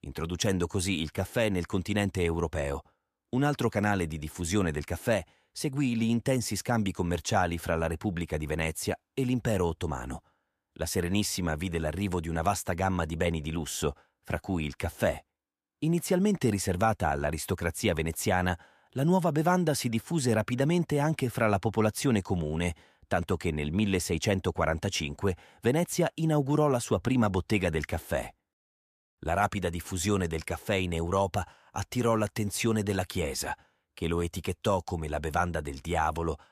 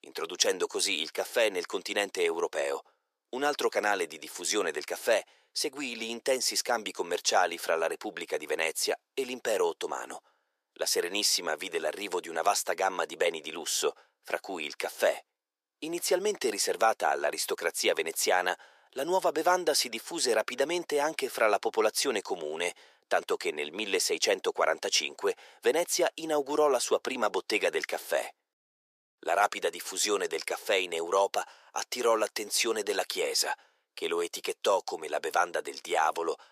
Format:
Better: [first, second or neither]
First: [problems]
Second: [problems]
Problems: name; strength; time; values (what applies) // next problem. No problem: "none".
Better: first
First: none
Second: thin; very; fading below 400 Hz